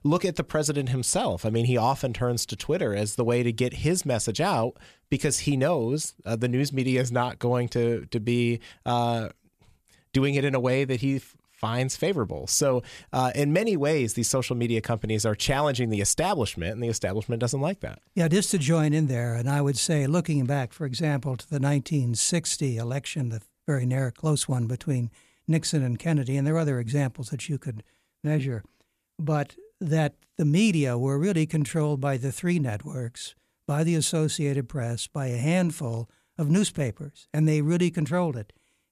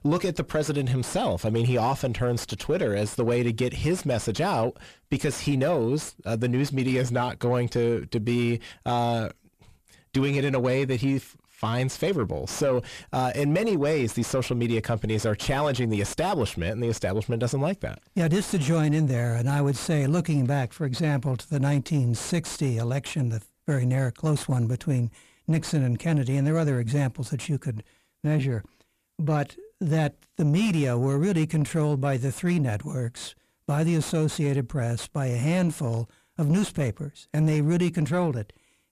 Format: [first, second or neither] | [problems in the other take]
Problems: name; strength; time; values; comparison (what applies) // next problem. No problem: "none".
first | distortion; slight; 10 dB below the speech